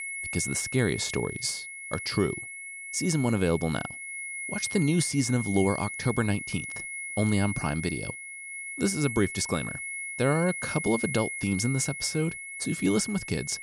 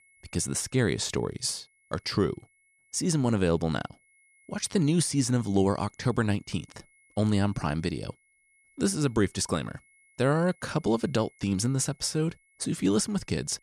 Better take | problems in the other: second | high-pitched whine; loud; throughout; 2 kHz, 6 dB below the speech; faint in the second

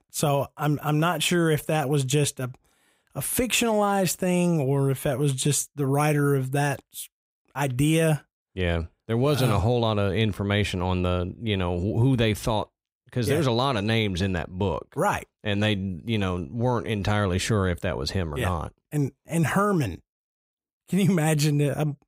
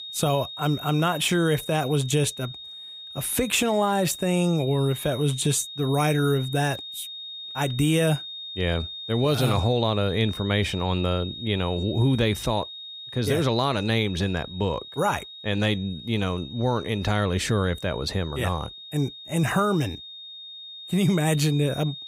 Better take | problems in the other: first | high-pitched whine; noticeable; throughout; 3.5 kHz, 10 dB below the speech

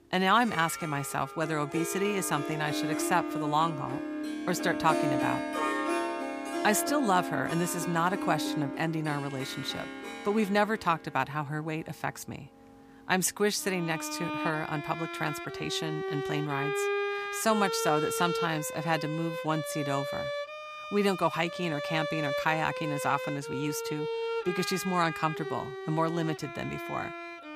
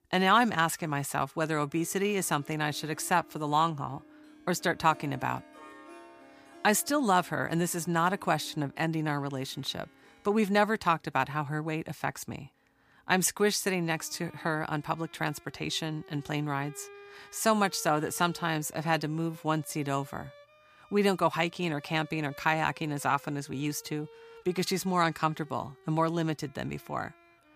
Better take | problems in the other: second | background music; loud; throughout; 4 dB below the speech; faint in the second

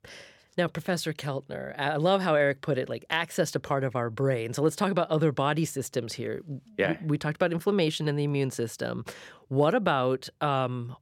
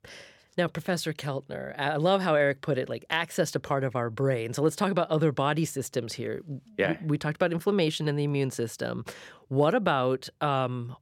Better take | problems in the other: neither | none

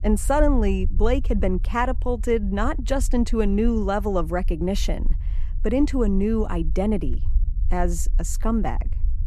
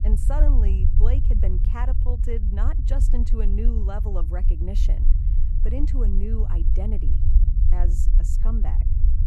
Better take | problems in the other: first | low rumble; loud; throughout; 5 dB below the speech; faint in the first

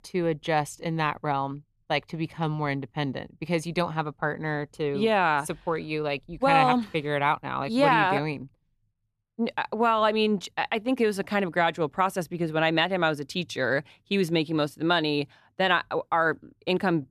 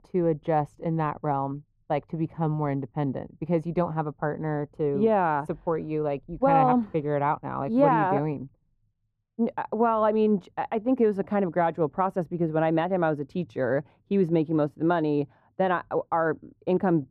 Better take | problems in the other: first | muffled; very; fading above 2 kHz

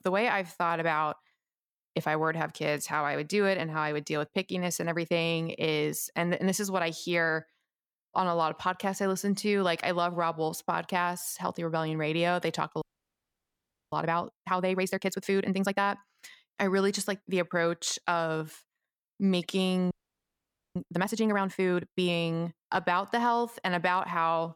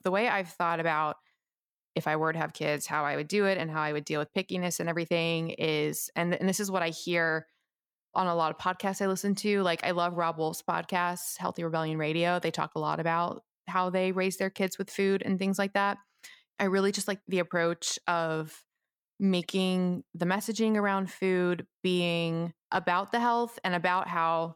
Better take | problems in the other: second | audio freezing; at 13 s for 1 s and at 20 s for 1 s

